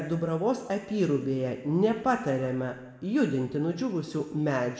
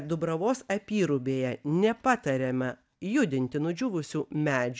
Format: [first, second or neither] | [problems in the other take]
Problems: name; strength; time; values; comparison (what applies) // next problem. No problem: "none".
second | room echo; dies away in 0.9 s